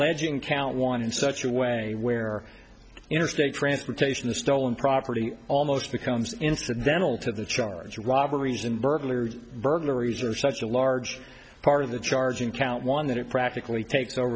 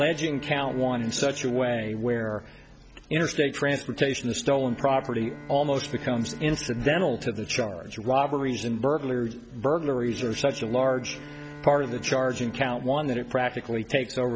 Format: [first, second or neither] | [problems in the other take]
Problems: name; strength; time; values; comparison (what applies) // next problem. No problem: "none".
first | background sound (Bowed string instrument); 19 dB below the speech